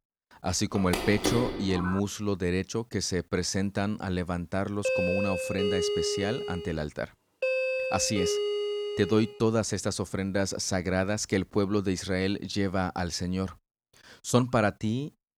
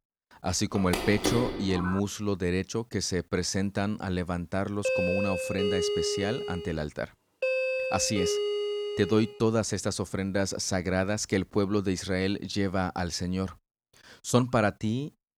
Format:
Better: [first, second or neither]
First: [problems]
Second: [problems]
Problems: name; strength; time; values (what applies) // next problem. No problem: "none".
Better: neither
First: phone ringing; noticeable; from 1 to 2 s; peak level with the speech // doorbell; loud; from 5 to 9.5 s; peak 2 dB above the speech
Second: phone ringing; noticeable; from 1 to 2 s; peak level with the speech // doorbell; loud; from 5 to 9.5 s; peak 2 dB above the speech